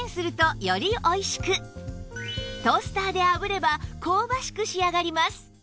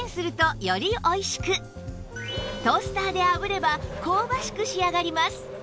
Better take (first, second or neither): first